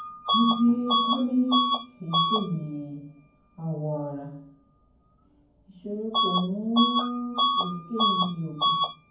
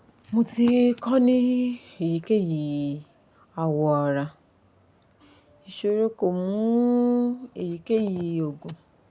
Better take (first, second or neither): second